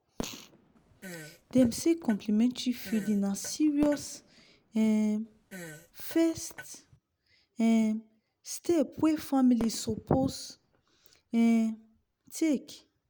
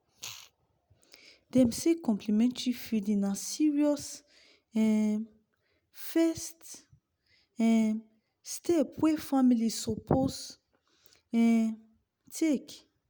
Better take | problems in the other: second | background sound (Fart + Fireworks); 18 dB below the speech

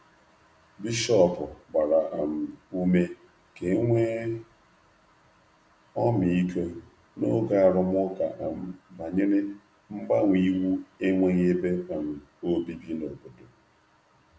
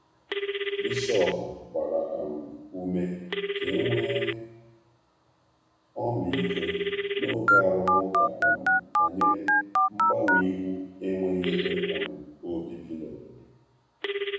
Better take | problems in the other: first | background sound (Telephone); 2 dB above the speech // room echo; dies away in 0.9 s

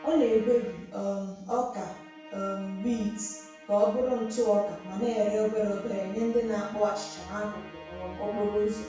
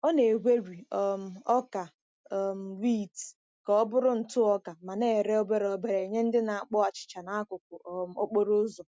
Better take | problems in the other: second | background sound (Musical instrument); 18 dB below the speech // room echo; dies away in 0.6 s

